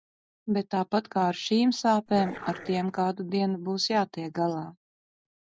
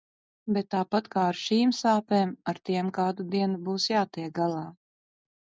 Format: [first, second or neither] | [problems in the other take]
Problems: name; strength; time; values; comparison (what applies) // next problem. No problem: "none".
second | background sound (Dog); 13 dB below the speech